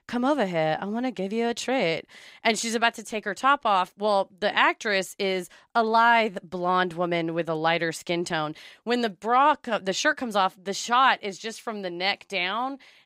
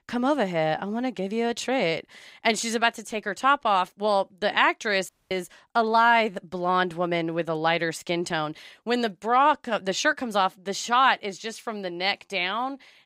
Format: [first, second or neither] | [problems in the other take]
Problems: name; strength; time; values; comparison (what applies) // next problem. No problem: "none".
first | audio cutting out; at 5 s